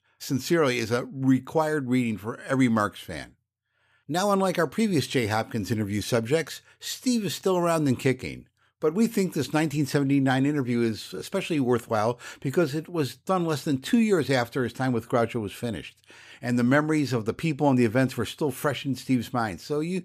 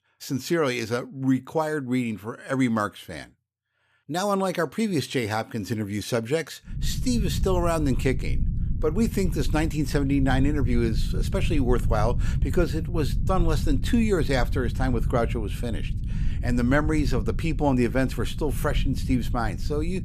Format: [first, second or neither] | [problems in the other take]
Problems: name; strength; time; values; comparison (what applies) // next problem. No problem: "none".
first | low rumble; noticeable; from 6.5 s on; 15 dB below the speech